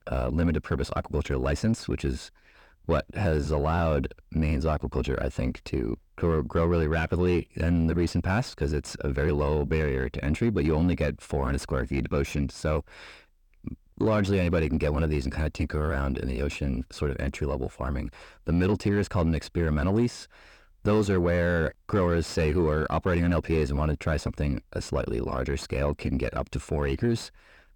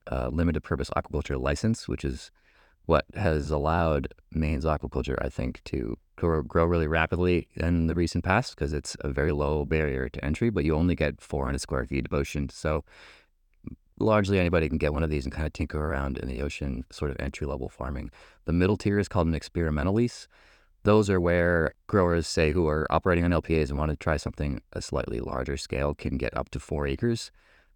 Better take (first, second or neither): second